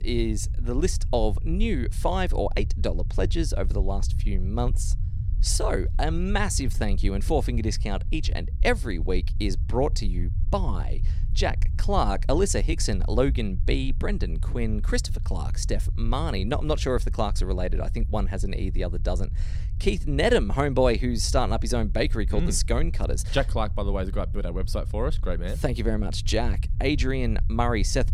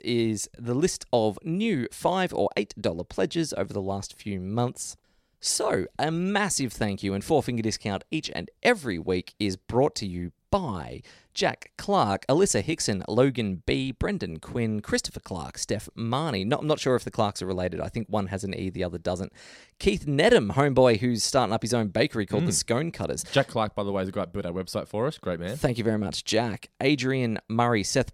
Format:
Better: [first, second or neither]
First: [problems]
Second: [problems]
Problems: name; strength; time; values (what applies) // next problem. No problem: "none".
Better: second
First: low rumble; noticeable; throughout; 20 dB below the speech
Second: none